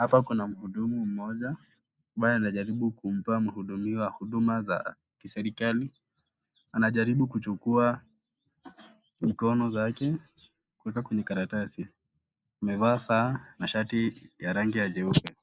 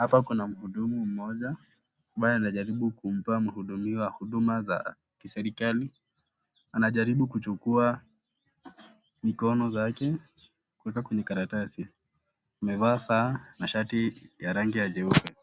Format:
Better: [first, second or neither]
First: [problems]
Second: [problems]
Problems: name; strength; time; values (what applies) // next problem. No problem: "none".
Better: second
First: noise reduction (neural mask model Resemble Enhance denoiser)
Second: none